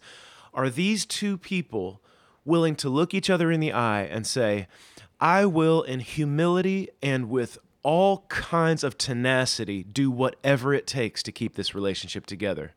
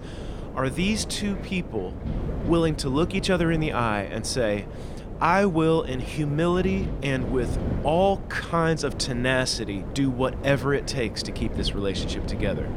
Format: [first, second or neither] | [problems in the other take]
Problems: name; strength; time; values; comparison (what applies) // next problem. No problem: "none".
first | wind noise on the microphone; occasional gusts; 15 dB below the speech